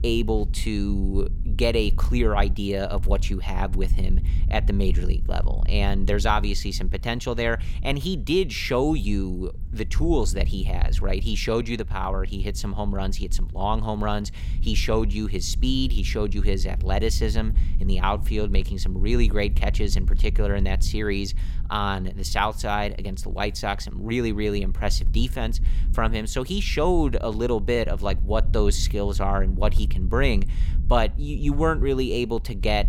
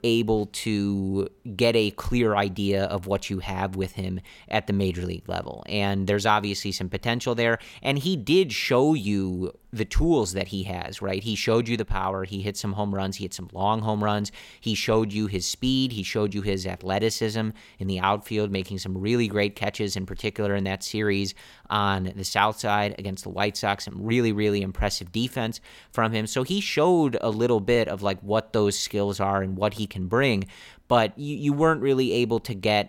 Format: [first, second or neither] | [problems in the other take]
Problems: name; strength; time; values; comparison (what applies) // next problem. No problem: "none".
second | low rumble; noticeable; throughout; 20 dB below the speech